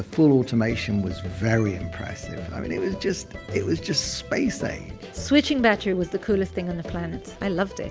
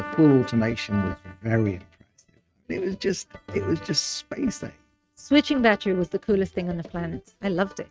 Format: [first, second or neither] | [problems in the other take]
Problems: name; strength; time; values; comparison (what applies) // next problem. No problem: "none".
first | noise reduction (neural mask model RNNoise)